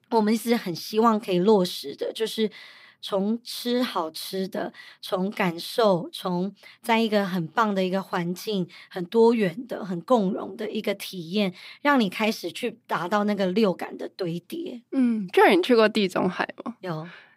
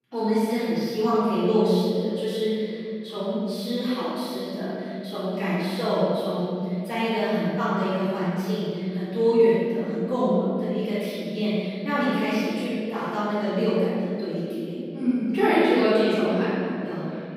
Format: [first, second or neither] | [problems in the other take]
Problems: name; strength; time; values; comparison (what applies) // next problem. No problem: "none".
first | off-mic speech; far // room echo; strong; dies away in 3 s